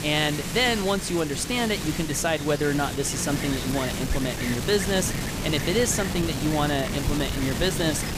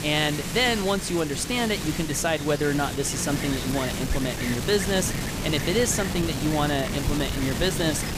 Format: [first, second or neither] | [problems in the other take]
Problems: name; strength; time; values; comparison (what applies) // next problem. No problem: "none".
neither | wind noise on the microphone; heavy; 5 dB below the speech; the same in both